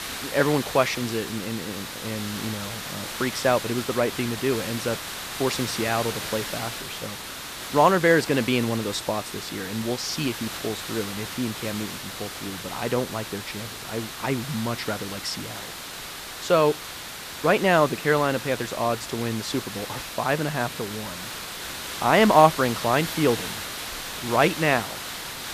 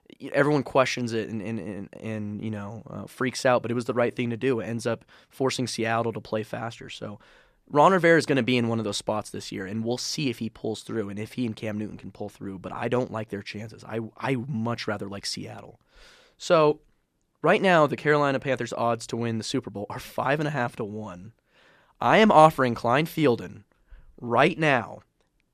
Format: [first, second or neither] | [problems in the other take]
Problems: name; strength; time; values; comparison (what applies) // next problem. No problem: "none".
second | hiss; loud; throughout; 8 dB below the speech